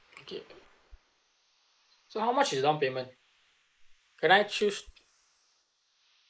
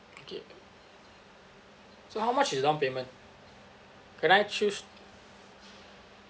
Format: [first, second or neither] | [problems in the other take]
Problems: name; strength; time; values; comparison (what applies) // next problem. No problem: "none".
second | noise reduction (neural mask model Resemble Enhance denoiser)